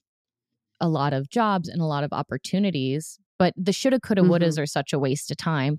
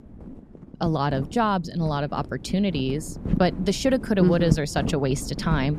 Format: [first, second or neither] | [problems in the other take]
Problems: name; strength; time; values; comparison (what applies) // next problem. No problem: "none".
first | wind noise on the microphone; occasional gusts; 15 dB below the speech